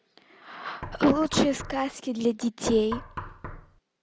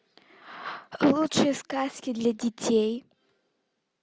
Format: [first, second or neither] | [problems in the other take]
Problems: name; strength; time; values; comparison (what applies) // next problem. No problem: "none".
second | background sound (Knock); 11 dB below the speech